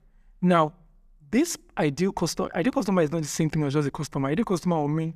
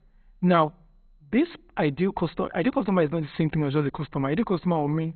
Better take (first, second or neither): first